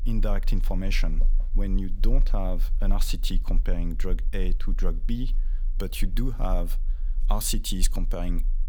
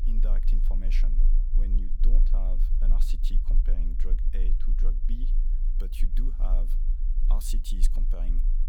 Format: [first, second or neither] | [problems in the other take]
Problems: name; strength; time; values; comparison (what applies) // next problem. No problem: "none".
first | low rumble; loud; throughout; 8 dB below the speech; faint in the first